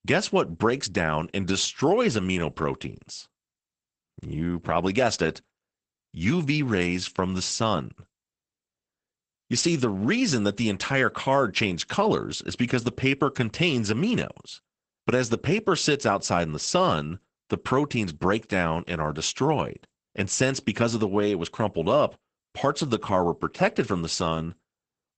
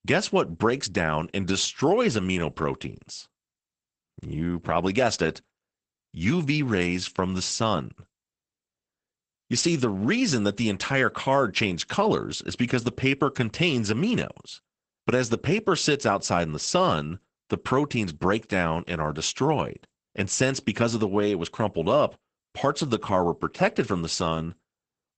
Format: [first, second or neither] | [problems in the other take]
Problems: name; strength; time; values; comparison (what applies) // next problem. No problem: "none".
neither | garbled, watery; badly; nothing above 8 kHz; the same in both